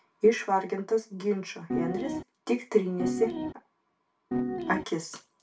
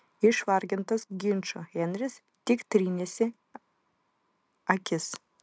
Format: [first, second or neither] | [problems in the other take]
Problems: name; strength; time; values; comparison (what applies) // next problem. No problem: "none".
second | background sound (Piano); as loud as the speech // room echo; dies away in 0.2 s